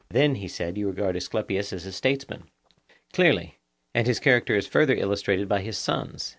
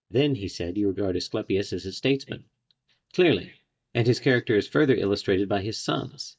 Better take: first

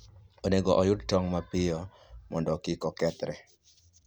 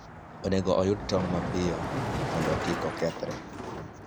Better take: first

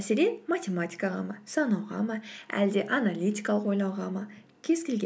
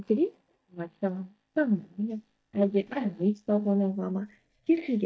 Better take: first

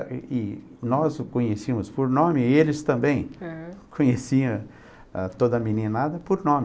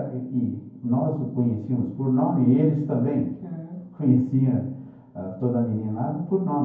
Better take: first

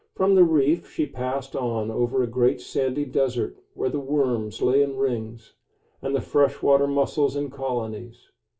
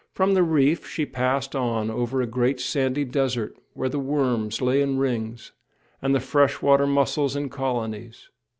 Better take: second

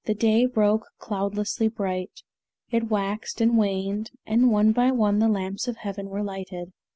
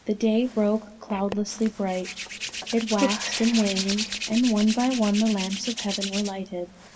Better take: first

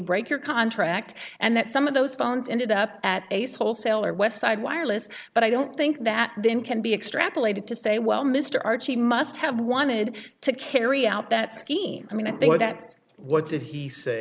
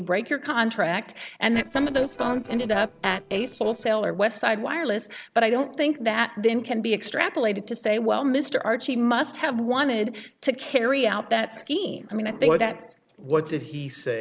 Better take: first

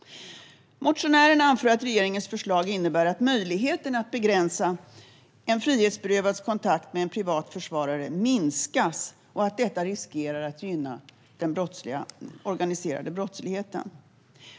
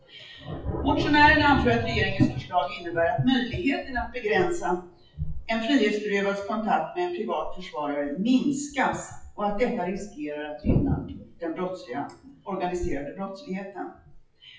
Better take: first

